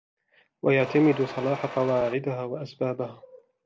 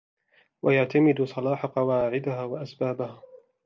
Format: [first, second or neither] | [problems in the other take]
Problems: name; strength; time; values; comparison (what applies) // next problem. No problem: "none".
second | background sound (Mechanisms); 11 dB below the speech